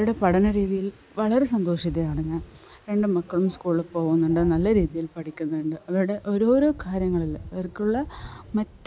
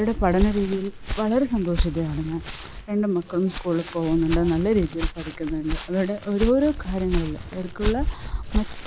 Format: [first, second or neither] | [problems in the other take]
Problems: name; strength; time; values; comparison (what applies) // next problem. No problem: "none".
first | background sound (Walk, footsteps); 6 dB below the speech